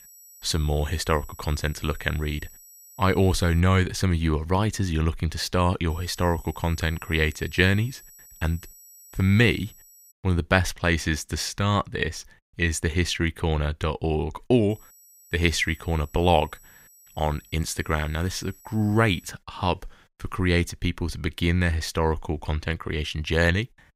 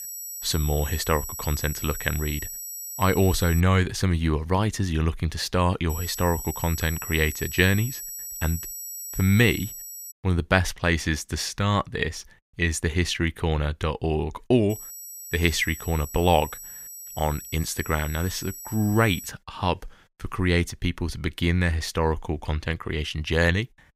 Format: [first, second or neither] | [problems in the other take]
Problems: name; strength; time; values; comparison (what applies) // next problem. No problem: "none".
first | high-pitched whine; loud; until 3.5 s, from 6 to 10 s and from 15 to 19 s; 8 kHz, 9 dB below the speech; faint in the first